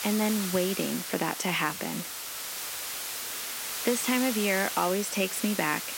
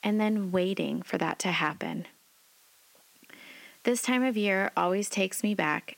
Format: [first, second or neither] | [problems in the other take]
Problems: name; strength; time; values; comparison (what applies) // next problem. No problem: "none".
second | hiss; loud; throughout; 4 dB below the speech; faint in the second